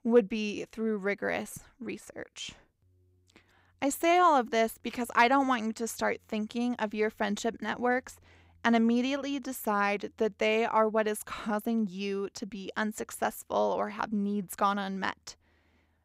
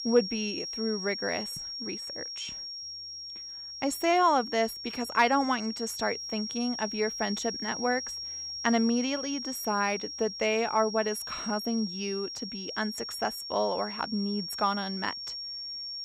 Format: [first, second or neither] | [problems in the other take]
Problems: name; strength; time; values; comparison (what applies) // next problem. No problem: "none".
first | high-pitched whine; loud; throughout; 5.5 kHz, 6 dB below the speech